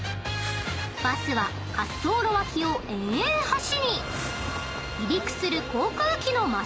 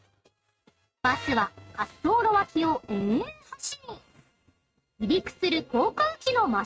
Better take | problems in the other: first | noise reduction (neural mask model RNNoise)

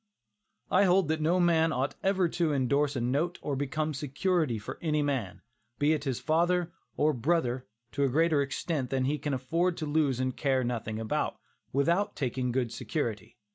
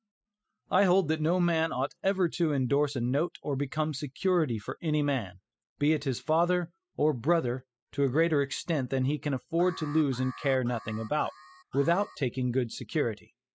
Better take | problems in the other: first | noise reduction (classical method spectral subtraction)

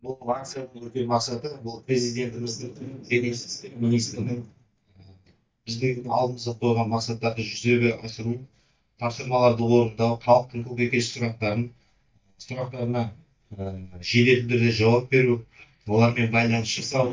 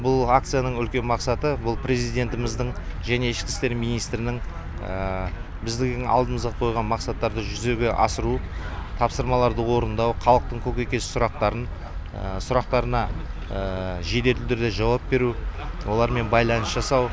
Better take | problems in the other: second | noise reduction (neural mask model DeepFilterNet 3)

